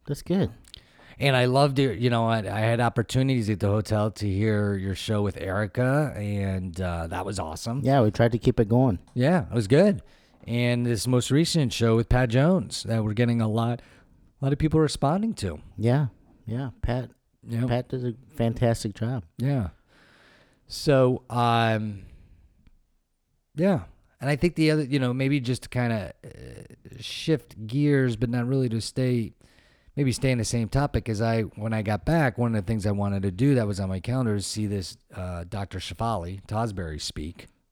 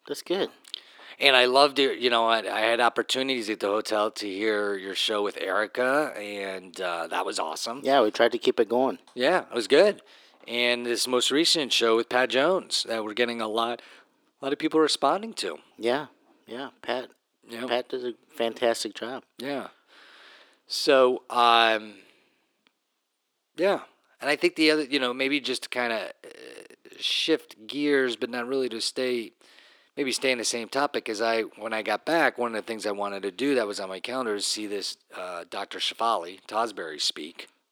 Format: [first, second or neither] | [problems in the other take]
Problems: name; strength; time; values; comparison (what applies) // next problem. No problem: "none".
first | thin; somewhat; fading below 350 Hz